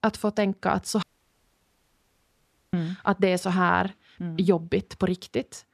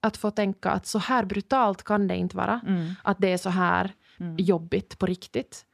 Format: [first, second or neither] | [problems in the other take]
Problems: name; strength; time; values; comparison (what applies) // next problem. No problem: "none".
second | audio cutting out; at 1 s for 1.5 s